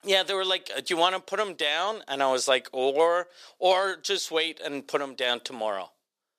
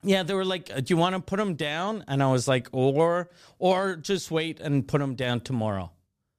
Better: second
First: thin; very; fading below 450 Hz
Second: none

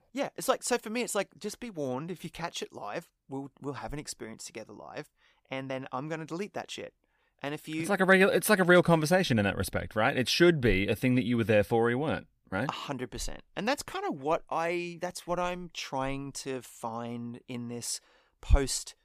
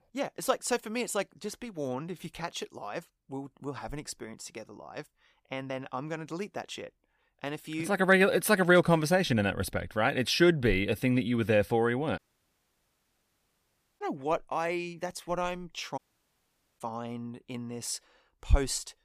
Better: first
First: none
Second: audio cutting out; at 12 s for 2 s and at 16 s for 1 s

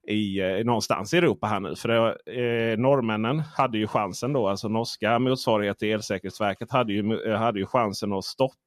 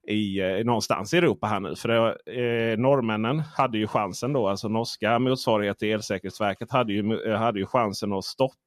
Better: neither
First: none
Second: none

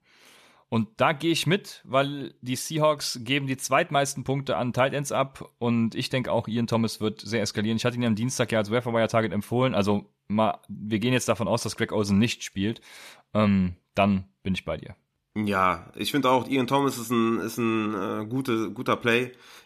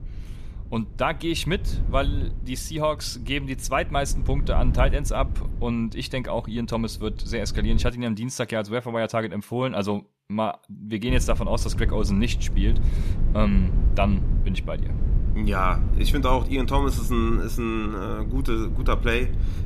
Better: first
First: none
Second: low rumble; noticeable; until 8 s and from 11 s on; 15 dB below the speech

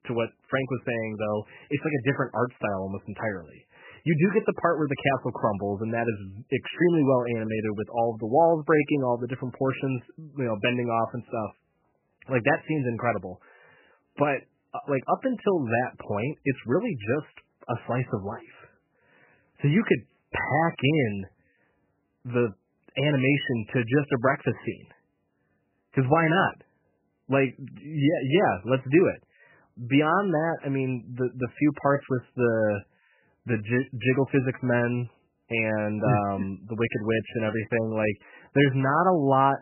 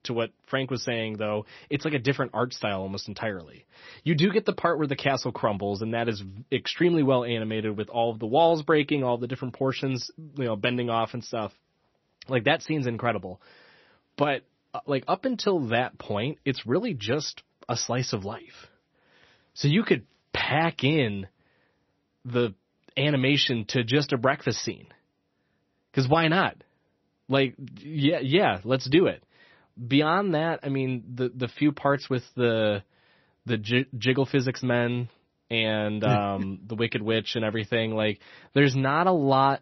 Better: second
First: garbled, watery; badly; nothing above 3 kHz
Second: garbled, watery; slightly; nothing above 6 kHz

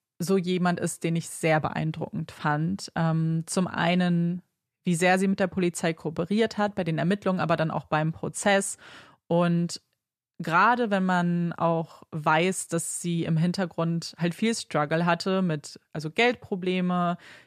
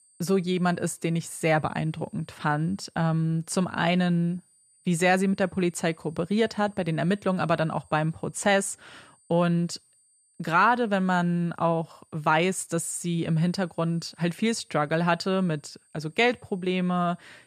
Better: first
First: none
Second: high-pitched whine; faint; throughout; 8.5 kHz, 35 dB below the speech

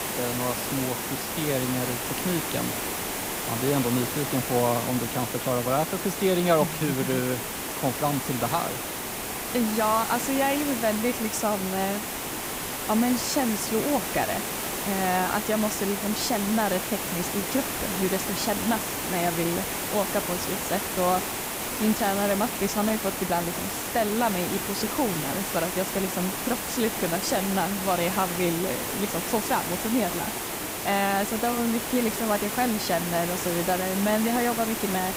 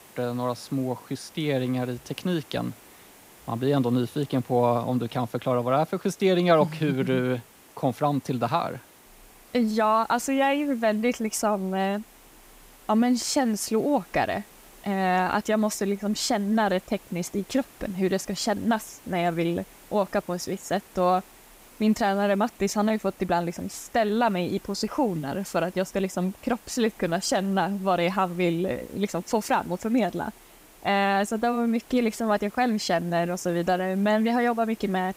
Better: second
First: hiss; loud; throughout; 2 dB below the speech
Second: hiss; faint; throughout; 25 dB below the speech

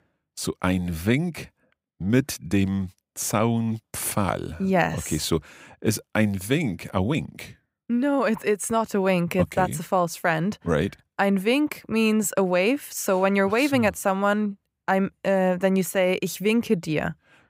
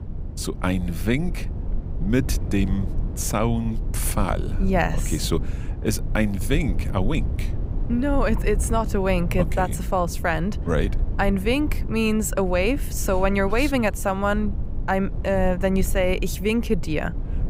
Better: first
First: none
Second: low rumble; noticeable; throughout; 15 dB below the speech

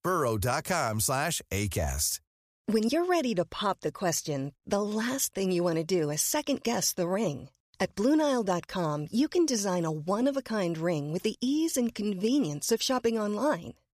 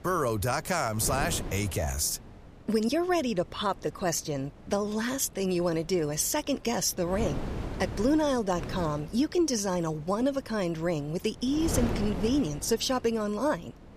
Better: first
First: none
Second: wind noise on the microphone; occasional gusts; 15 dB below the speech

